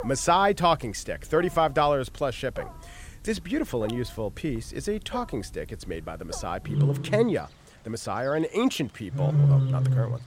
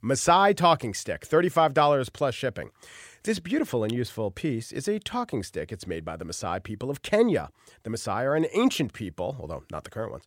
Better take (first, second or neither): second